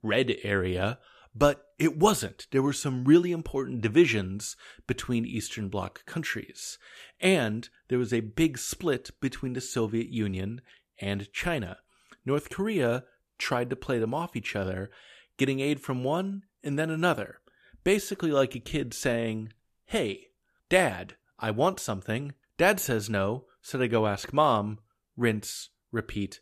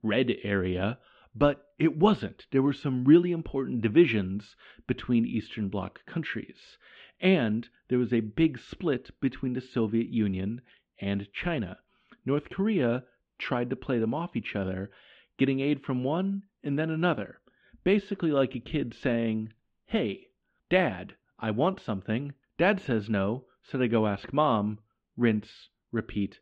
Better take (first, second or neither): first